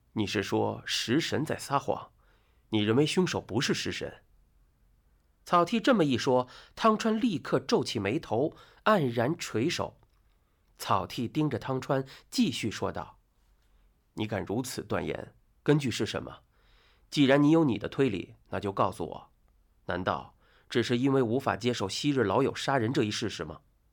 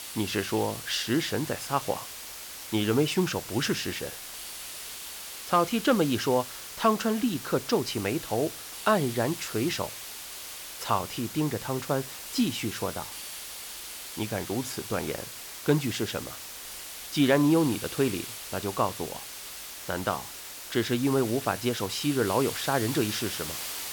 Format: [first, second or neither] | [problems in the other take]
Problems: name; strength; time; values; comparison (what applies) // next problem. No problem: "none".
first | hiss; loud; throughout; 9 dB below the speech